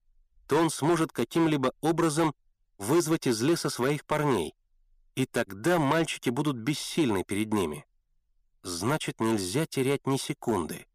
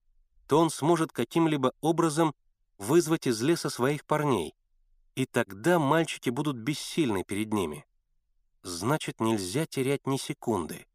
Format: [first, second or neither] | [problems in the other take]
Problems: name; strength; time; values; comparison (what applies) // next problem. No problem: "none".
second | distortion; slight; 4% of the sound clipped